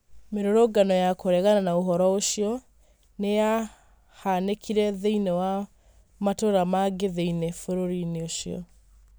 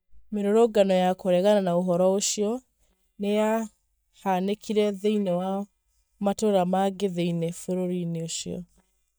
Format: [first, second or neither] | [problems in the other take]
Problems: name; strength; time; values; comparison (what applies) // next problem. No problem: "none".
first | noise reduction (neural mask model DeepFilterNet 3)